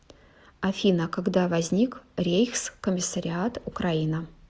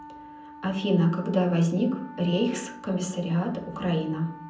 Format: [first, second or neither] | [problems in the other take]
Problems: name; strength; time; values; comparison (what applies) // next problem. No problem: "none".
first | background sound (Wind instrument, woodwind instrument); 18 dB below the speech // room echo; dies away in 0.6 s